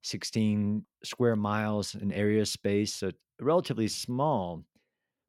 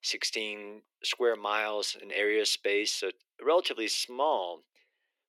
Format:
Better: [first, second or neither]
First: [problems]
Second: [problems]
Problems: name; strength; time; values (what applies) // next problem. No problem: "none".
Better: first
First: none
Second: thin; very; fading below 350 Hz